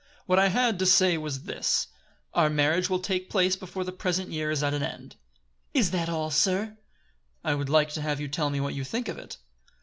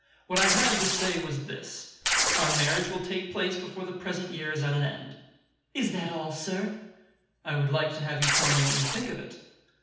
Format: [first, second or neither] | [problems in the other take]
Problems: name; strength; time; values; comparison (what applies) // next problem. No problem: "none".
first | background sound (Tearing); 3 dB above the speech // room echo; dies away in 0.9 s